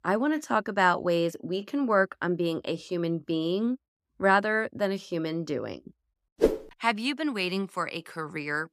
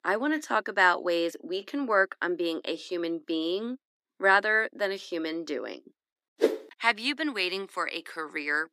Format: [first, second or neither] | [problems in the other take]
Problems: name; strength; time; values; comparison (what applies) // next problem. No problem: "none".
first | thin; very slightly; fading below 300 Hz